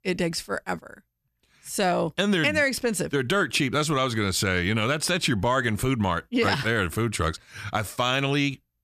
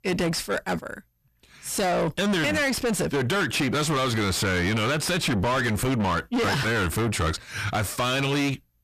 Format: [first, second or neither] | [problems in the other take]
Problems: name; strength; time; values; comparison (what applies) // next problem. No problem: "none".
first | distortion; heavy; 6 dB below the speech